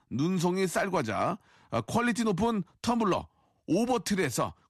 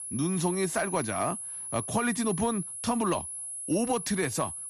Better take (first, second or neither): first